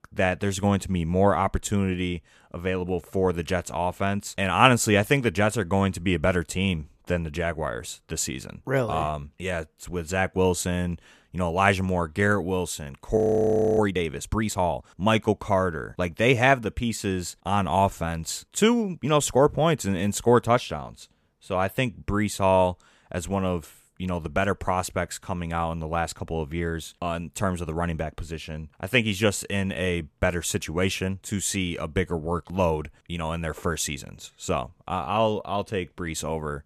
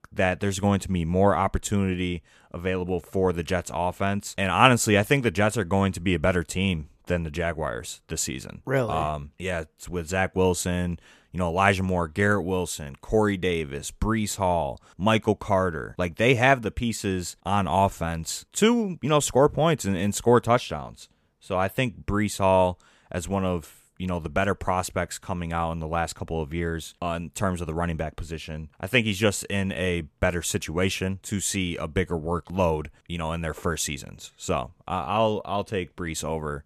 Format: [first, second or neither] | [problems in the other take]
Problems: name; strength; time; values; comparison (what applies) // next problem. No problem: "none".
second | audio freezing; at 13 s for 0.5 s